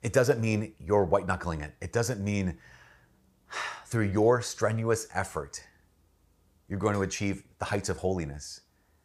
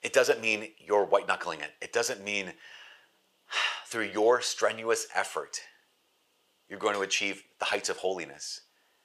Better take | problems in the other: first | thin; very; fading below 500 Hz

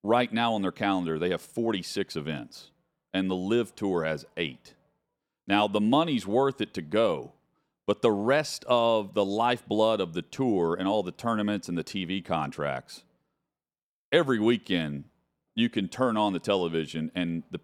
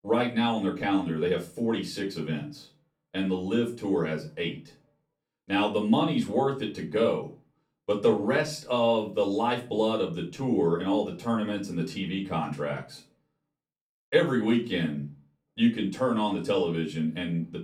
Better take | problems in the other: first | off-mic speech; far // room echo; very slight; dies away in 0.3 s

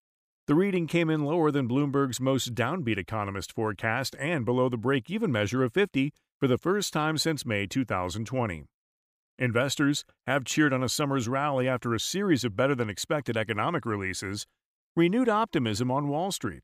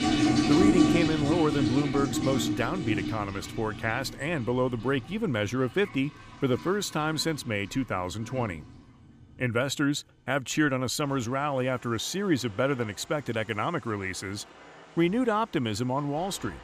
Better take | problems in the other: first | household noises; very loud; throughout; 1 dB above the speech

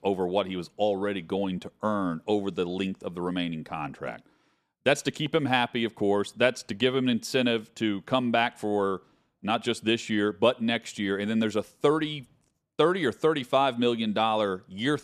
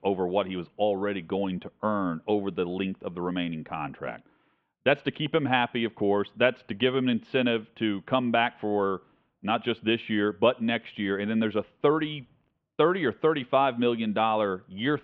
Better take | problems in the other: first | muffled; very slightly; fading above 3 kHz

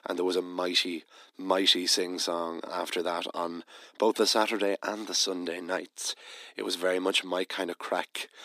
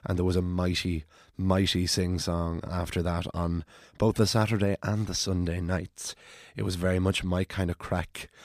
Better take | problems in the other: second | thin; somewhat; fading below 250 Hz

